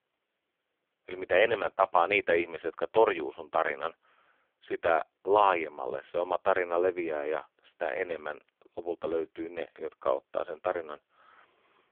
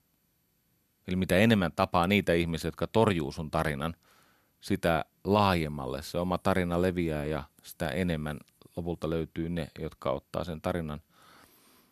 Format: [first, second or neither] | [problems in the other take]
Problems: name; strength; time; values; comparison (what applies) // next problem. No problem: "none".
second | phone-call audio; poor line